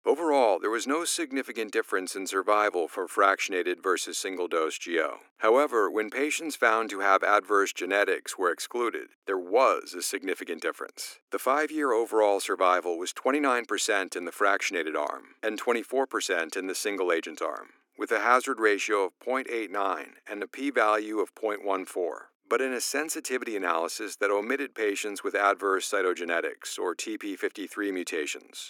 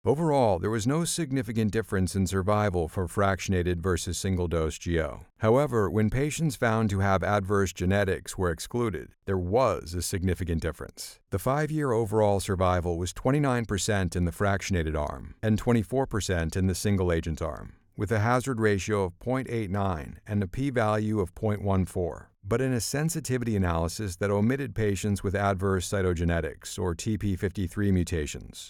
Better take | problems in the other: second | thin; very; fading below 300 Hz

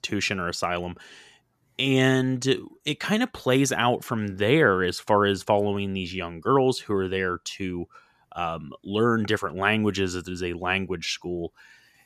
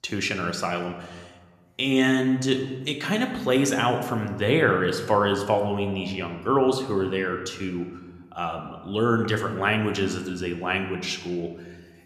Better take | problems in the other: first | room echo; slight; dies away in 1.1 s

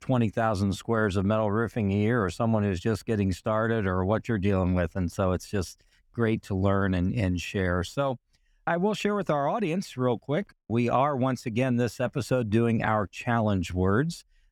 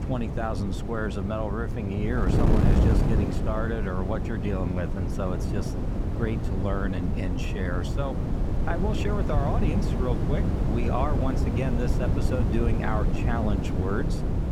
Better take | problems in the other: first | wind noise on the microphone; heavy; 2 dB below the speech

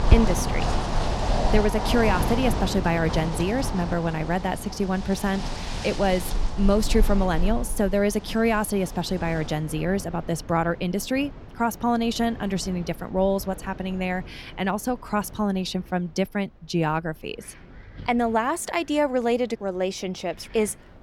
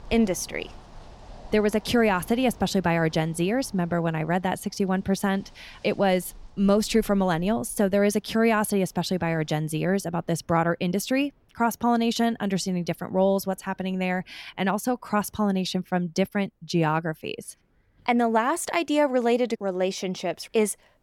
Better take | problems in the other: second | wind in the background; loud; throughout; 5 dB below the speech; faint in the second

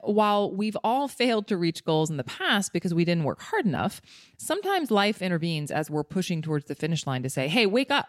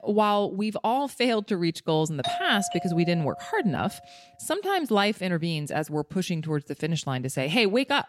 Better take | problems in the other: first | doorbell; noticeable; from 2 to 4 s; peak 4 dB below the speech

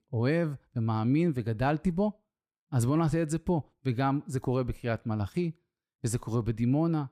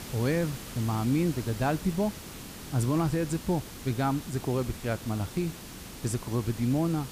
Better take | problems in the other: first | hiss; noticeable; throughout; 10 dB below the speech

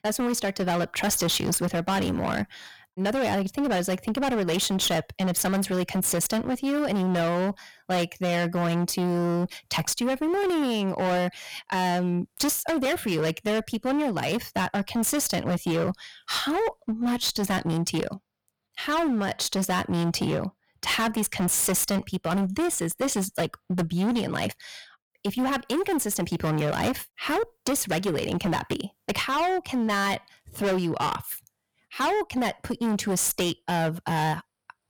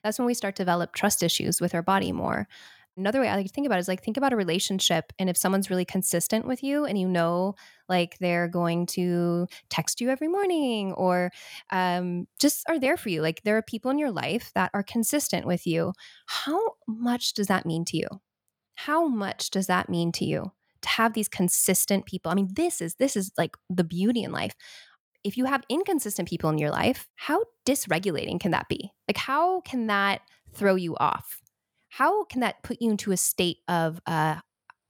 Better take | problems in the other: second | distortion; heavy; 23% of the sound clipped

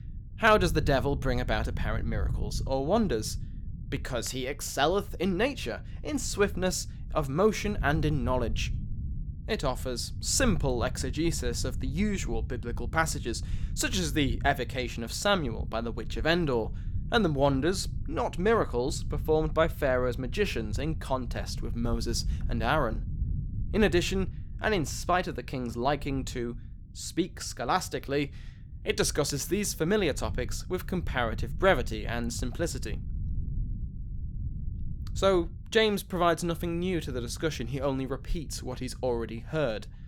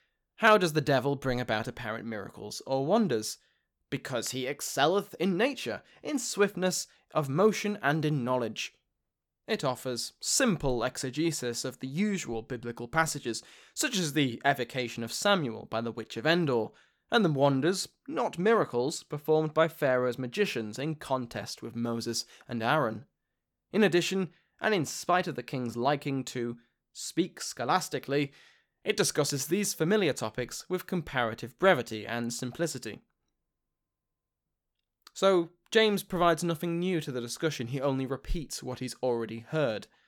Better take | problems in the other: second | low rumble; faint; throughout; 25 dB below the speech

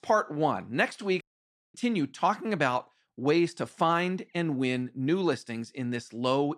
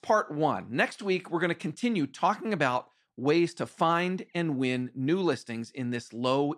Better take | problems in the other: second | audio cutting out; at 1 s for 0.5 s

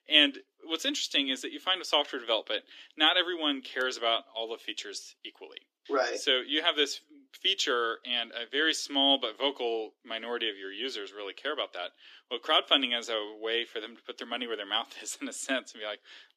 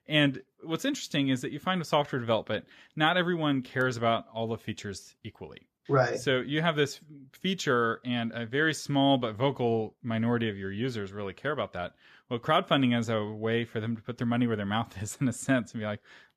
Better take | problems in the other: second | thin; somewhat; fading below 300 Hz

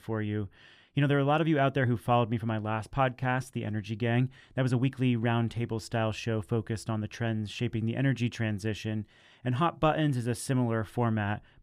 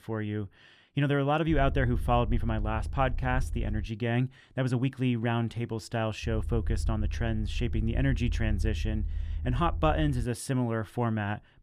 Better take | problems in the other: first | low rumble; faint; from 1.5 to 4 s and from 6 to 10 s; 20 dB below the speech

